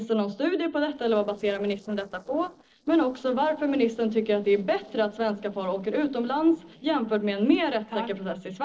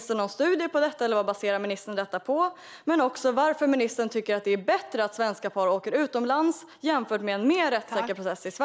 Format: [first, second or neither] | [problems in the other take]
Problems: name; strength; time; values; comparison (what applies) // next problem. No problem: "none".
second | noise reduction (neural separator model SepFormer DNS4)